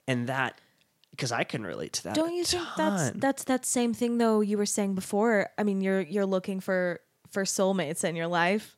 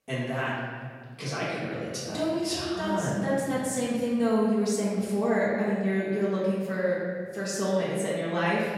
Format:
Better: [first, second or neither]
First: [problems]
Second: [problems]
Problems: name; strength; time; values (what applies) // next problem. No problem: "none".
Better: first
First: none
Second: off-mic speech; far // room echo; strong; dies away in 2 s